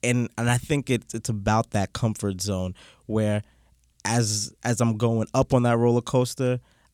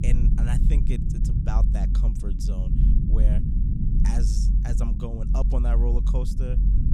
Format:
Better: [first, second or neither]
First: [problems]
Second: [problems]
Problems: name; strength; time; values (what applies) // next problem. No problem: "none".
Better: first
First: none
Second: low rumble; loud; throughout; 1 dB below the speech